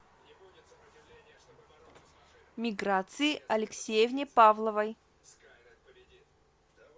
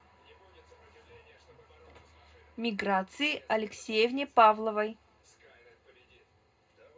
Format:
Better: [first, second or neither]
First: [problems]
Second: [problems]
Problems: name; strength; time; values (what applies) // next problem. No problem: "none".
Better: first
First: none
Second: room echo; dies away in 0.2 s